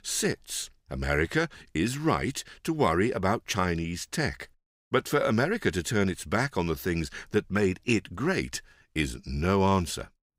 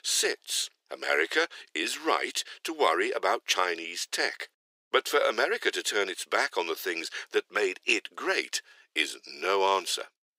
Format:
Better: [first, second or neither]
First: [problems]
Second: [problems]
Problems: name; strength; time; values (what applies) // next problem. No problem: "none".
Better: first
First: none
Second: thin; very; fading below 400 Hz